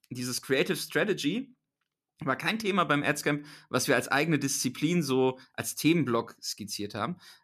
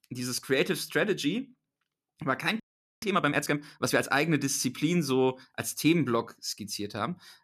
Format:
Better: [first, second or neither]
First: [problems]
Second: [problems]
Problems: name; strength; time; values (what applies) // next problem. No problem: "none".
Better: first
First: none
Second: audio freezing; at 2.5 s